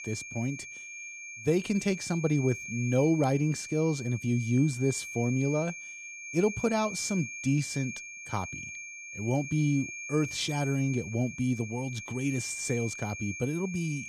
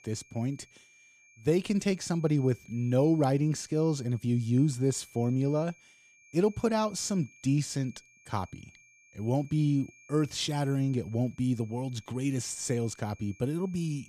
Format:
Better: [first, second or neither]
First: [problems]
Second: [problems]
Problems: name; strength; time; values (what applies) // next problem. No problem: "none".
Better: second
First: high-pitched whine; loud; throughout; 2.5 kHz, 9 dB below the speech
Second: high-pitched whine; faint; throughout; 2.5 kHz, 25 dB below the speech